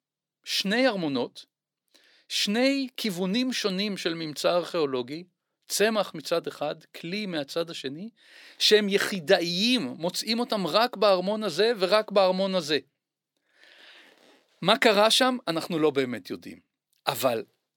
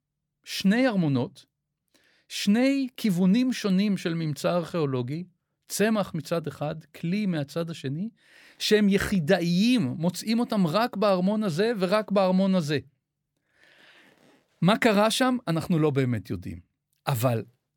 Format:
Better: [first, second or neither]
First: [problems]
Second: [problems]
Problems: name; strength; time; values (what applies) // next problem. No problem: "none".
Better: second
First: thin; somewhat; fading below 350 Hz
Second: none